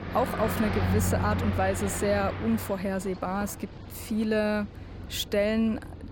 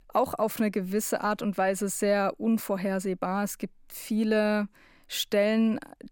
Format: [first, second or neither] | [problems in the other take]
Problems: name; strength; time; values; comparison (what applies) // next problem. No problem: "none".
second | traffic noise; loud; throughout; 5 dB below the speech